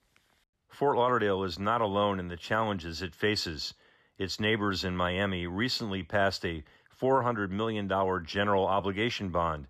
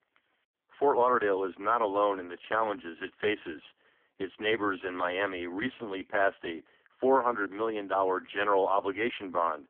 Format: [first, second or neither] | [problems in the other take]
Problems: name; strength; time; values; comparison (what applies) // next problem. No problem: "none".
first | phone-call audio; poor line; nothing above 3.5 kHz